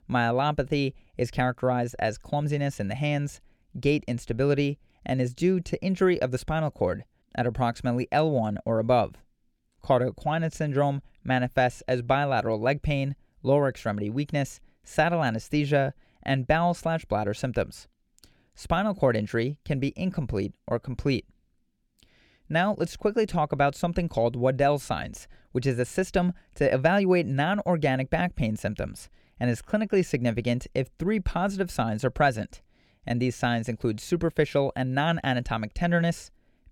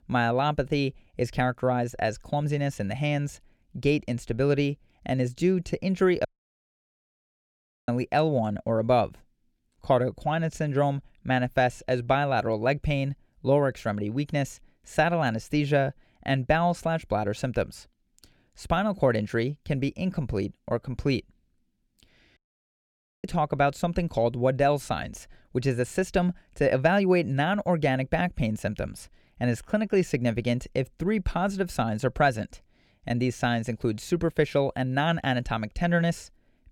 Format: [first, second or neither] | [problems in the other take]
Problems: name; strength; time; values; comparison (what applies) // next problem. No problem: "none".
first | audio cutting out; at 6.5 s for 1.5 s and at 22 s for 1 s